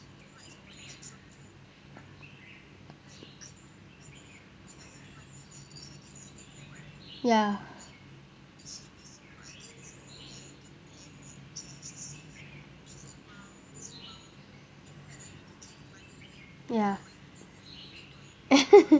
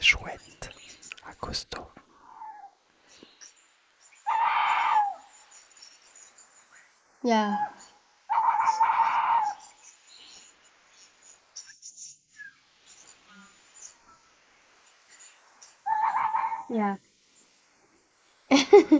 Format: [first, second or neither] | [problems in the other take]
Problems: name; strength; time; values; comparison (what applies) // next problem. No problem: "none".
first | noise reduction (neural mask model Resemble Enhance denoiser)